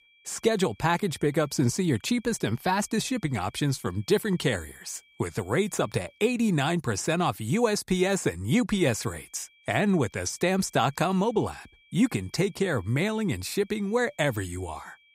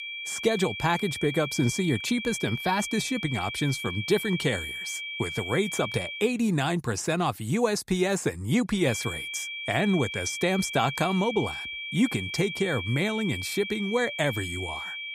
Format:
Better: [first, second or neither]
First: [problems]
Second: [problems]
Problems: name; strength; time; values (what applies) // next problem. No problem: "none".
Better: first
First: high-pitched whine; faint; until 6.5 s and from 9 s on; 2.5 kHz, 30 dB below the speech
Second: high-pitched whine; loud; until 6.5 s and from 9 s on; 2.5 kHz, 6 dB below the speech